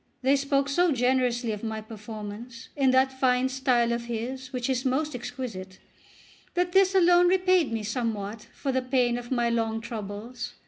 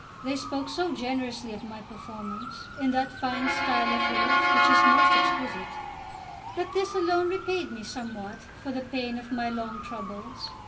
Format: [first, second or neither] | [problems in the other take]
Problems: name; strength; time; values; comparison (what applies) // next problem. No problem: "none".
first | background sound (Motor vehicle (road) / Siren); 2 dB above the speech // room echo; dies away in 0.2 s